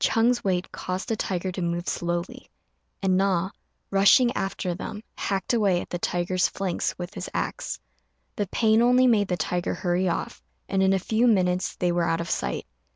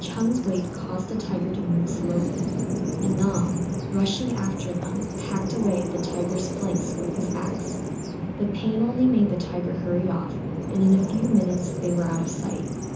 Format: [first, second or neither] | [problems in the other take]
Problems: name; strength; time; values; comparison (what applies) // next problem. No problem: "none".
first | background sound (Bird vocalization, bird call, bird song); 3 dB below the speech // room echo; dies away in 0.6 s